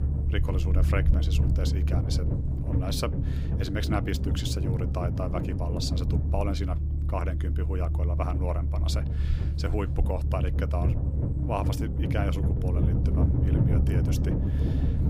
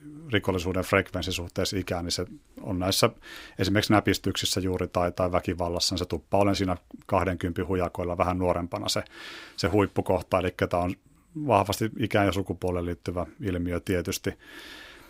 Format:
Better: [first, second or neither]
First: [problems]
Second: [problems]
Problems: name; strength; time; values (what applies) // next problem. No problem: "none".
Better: second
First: low rumble; loud; throughout; 4 dB below the speech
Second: none